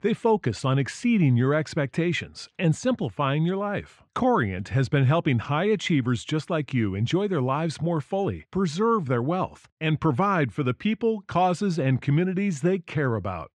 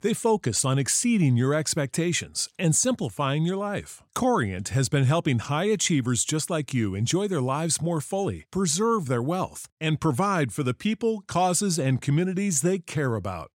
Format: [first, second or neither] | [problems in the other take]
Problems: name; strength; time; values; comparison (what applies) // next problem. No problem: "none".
second | muffled; very; fading above 2.5 kHz